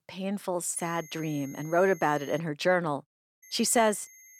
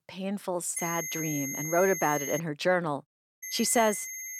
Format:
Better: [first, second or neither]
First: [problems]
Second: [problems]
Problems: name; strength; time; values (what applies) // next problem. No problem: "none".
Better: first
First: high-pitched whine; faint; from 1 to 2.5 s and at 3.5 s; 6.5 kHz, 20 dB below the speech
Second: high-pitched whine; loud; from 1 to 2.5 s and at 3.5 s; 6.5 kHz, 6 dB below the speech